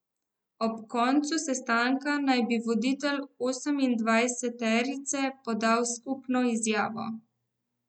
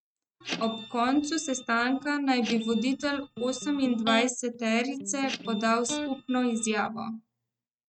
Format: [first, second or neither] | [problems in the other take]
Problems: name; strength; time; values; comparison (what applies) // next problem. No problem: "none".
first | noise reduction (neural mask model RNNoise)